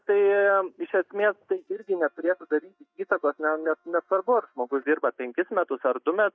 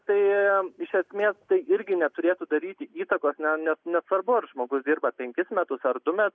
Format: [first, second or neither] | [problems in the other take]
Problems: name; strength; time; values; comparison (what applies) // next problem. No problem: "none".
second | noise reduction (neural mask model DeepFilterNet 3)